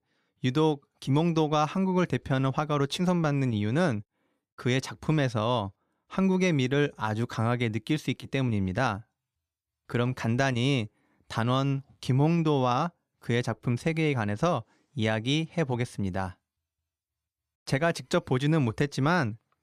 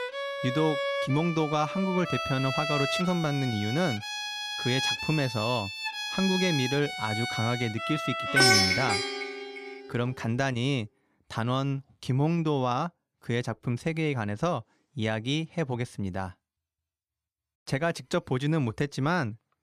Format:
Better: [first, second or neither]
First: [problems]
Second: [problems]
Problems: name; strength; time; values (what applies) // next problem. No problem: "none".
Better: first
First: none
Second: background music; very loud; until 11 s; 1 dB above the speech